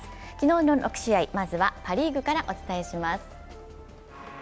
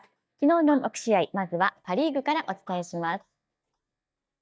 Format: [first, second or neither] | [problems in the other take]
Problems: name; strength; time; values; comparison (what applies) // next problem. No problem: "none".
first | noise reduction (neural mask model DeepFilterNet 3)